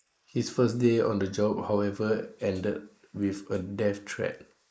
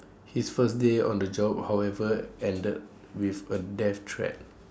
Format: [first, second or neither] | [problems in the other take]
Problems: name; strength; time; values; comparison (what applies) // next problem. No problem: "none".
second | noise reduction (neural mask model Resemble Enhance denoiser)